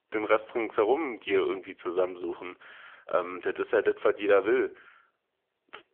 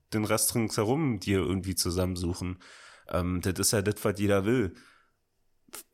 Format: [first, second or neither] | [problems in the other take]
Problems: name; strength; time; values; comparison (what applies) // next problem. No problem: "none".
second | phone-call audio; nothing above 3.5 kHz